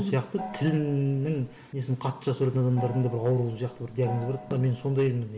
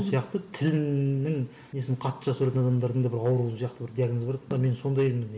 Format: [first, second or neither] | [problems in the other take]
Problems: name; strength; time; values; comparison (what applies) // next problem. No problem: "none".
second | background sound (Gong); 14 dB below the speech